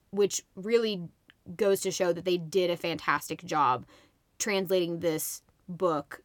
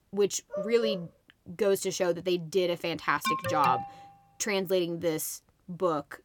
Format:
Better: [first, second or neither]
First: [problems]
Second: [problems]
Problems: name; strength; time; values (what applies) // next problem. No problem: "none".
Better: first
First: none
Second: dog barking; noticeable; at 0.5 s; peak 5 dB below the speech // alarm; noticeable; at 3 s; peak 1 dB below the speech